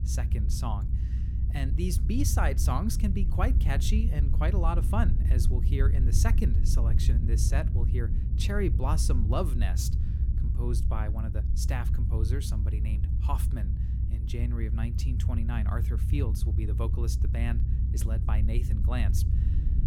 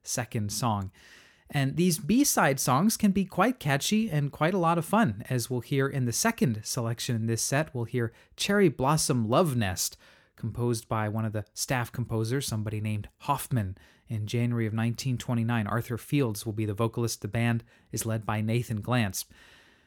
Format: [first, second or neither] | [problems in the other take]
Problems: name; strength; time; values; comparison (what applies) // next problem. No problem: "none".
second | low rumble; loud; throughout; 7 dB below the speech